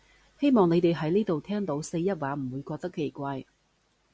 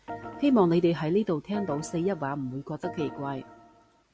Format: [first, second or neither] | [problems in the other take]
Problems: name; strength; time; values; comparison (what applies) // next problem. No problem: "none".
first | background sound (Organ); 15 dB below the speech